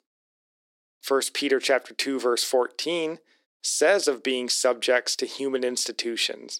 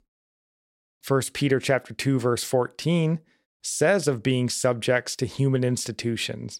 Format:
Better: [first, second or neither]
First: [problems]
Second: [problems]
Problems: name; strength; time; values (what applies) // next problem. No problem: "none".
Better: second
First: thin; somewhat; fading below 300 Hz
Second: none